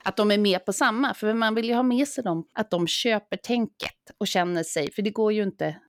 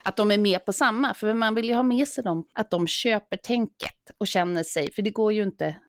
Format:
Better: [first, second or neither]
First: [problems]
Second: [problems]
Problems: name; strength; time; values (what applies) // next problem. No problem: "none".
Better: first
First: none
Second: garbled, watery; slightly